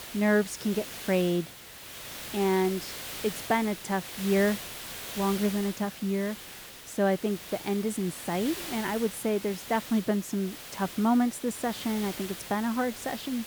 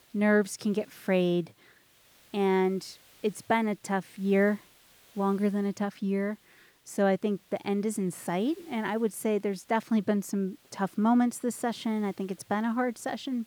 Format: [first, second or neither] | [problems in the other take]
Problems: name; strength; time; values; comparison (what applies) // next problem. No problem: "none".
second | hiss; loud; throughout; 10 dB below the speech; faint in the second